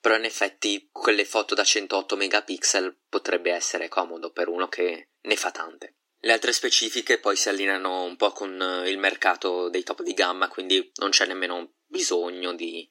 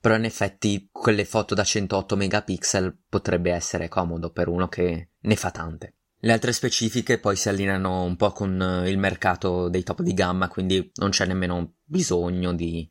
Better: second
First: thin; somewhat; fading below 300 Hz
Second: none

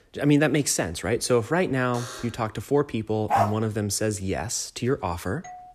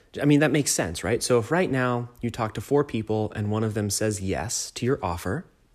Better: second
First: alarm; faint; at 2 s; peak 10 dB below the speech // dog barking; loud; at 3.5 s; peak 1 dB above the speech // doorbell; faint; at 5.5 s; peak 20 dB below the speech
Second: none

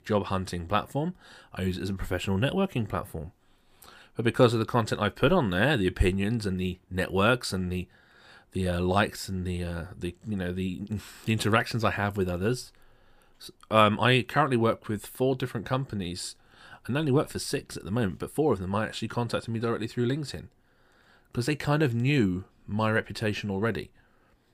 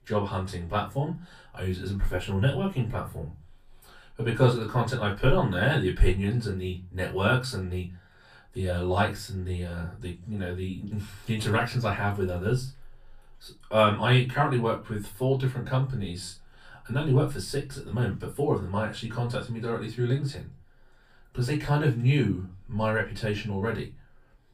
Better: first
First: none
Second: off-mic speech; far // room echo; very slight; dies away in 0.2 s

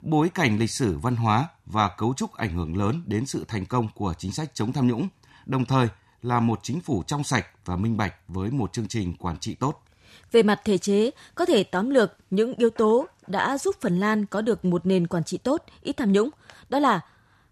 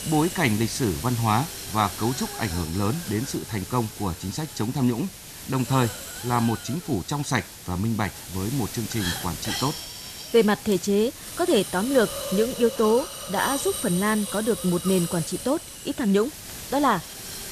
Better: first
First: none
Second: hiss; loud; throughout; 8 dB below the speech

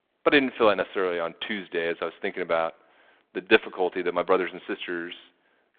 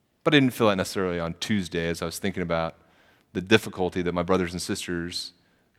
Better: second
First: phone-call audio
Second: none

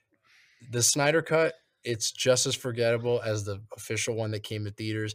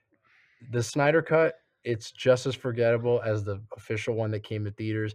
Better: first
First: none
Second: muffled; very; fading above 3.5 kHz

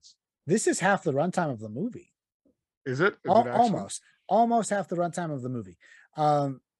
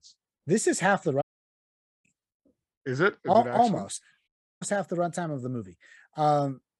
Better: first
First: none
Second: audio cutting out; at 1 s for 1 s and at 4.5 s

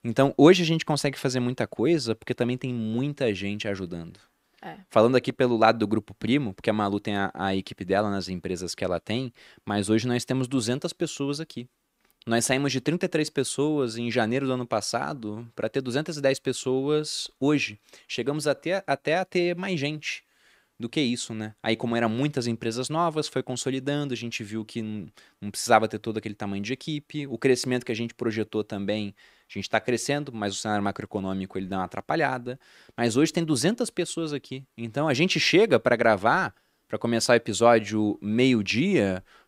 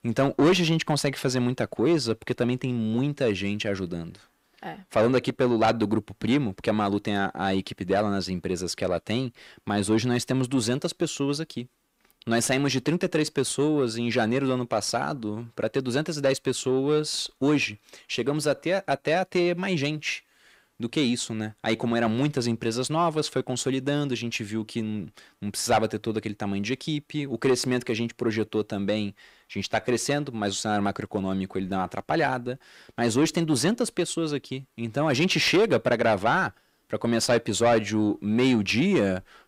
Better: first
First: none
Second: distortion; slight; 10 dB below the speech

